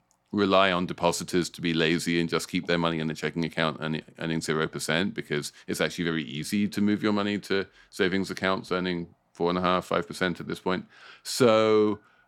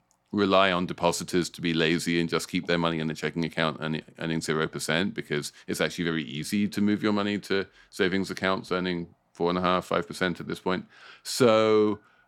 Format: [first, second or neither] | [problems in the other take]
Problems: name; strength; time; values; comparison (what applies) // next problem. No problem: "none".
neither | none